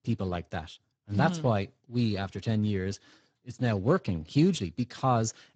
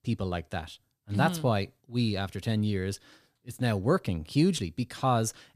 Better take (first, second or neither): second